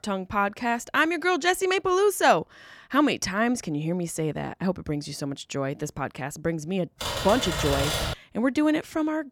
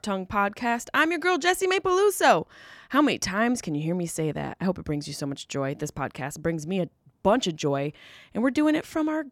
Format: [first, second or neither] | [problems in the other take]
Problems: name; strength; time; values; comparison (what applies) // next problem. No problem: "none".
second | keyboard typing; noticeable; from 7 to 8 s; peak level with the speech